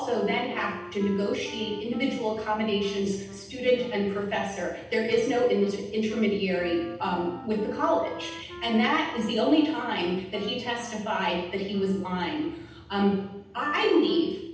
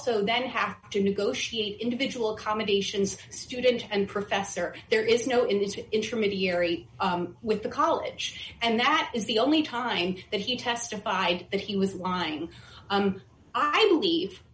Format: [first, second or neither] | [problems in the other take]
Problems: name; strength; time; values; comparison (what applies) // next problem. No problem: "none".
second | background sound (Wind instrument, woodwind instrument); 18 dB below the speech // room echo; dies away in 0.8 s